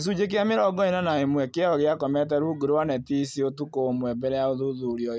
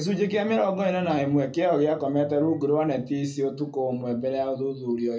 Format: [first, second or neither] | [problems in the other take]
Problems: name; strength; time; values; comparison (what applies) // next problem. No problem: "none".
first | room echo; dies away in 0.3 s